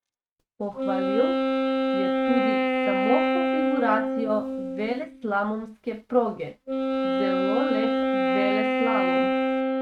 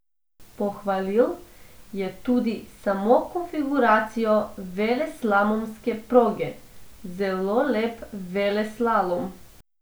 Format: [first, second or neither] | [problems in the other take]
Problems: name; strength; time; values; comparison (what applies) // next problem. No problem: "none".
second | noise reduction (neural mask model RNNoise)